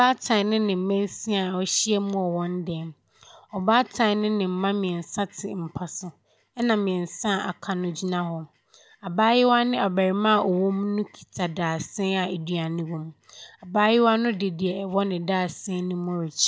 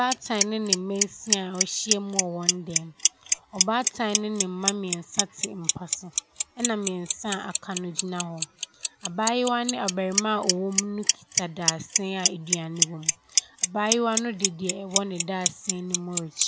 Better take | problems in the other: first | background sound (Clock); 1 dB above the speech

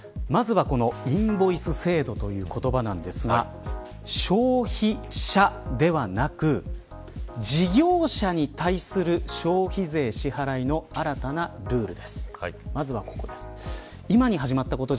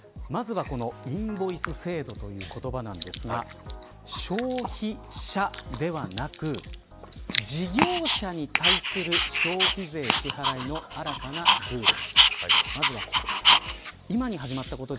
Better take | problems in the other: first | background sound (Dog); 4 dB above the speech

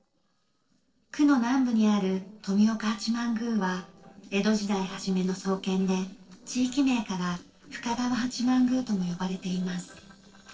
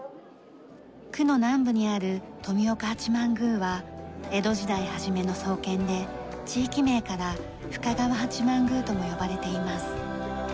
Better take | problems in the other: second | noise reduction (neural separator model SepFormer DNS4)

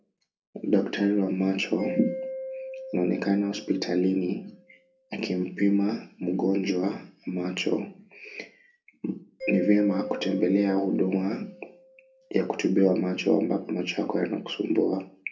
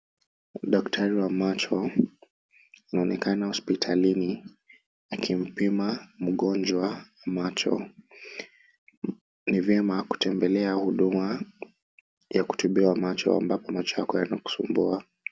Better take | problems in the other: second | background sound (Mallet percussion); 14 dB below the speech // room echo; dies away in 0.3 s

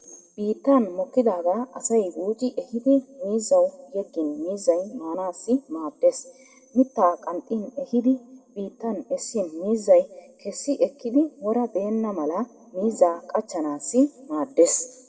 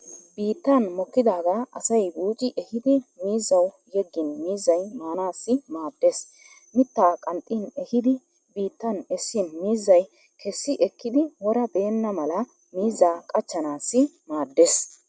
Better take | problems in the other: second | room echo; dies away in 1 s

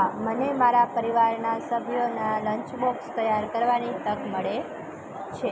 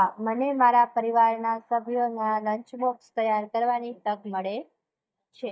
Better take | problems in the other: first | noise reduction (neural mask model DeepFilterNet 3)

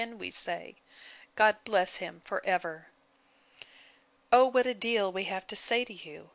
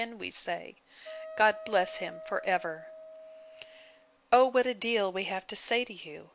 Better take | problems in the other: first | background sound (Wind instrument, woodwind instrument); 15 dB below the speech

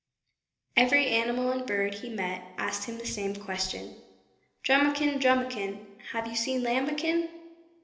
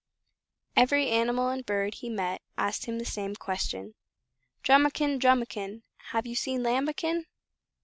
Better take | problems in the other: second | room echo; dies away in 0.8 s

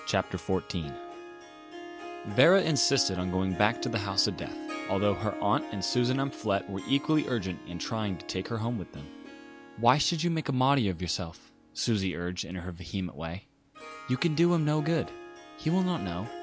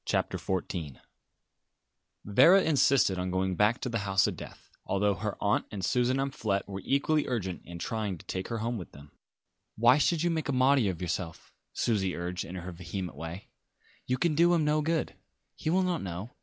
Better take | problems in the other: second | background sound (Harp); 13 dB below the speech

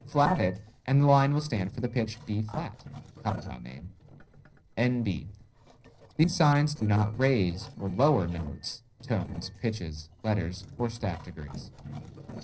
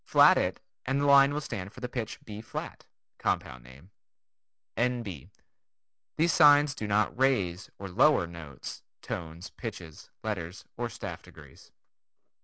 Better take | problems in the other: second | noise reduction (neural separator model SepFormer DNS4)

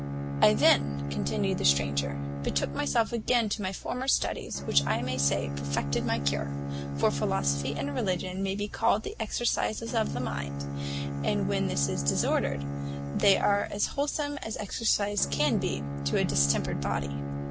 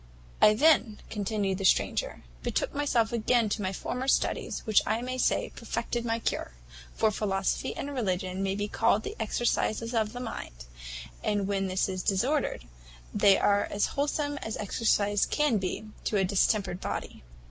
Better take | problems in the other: second | background sound (Bowed string instrument); 4 dB below the speech

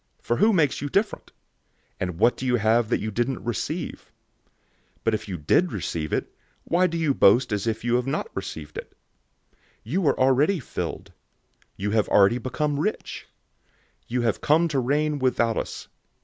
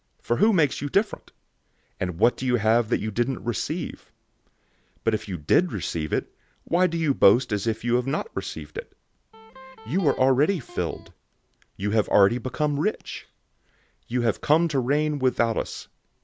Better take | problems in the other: first | background sound (Electric guitar); 18 dB below the speech

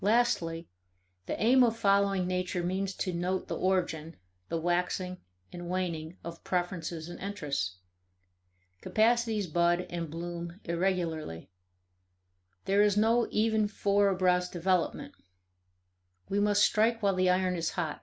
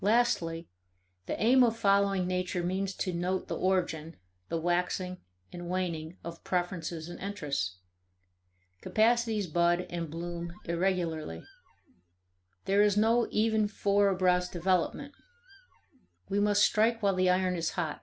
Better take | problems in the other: first | background sound (Squeak); 17 dB below the speech

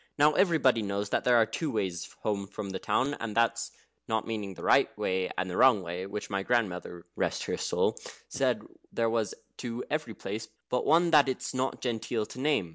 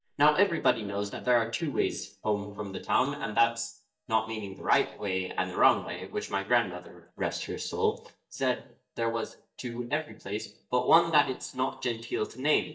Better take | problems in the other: first | noise reduction (neural mask model DeepFilterNet 3)

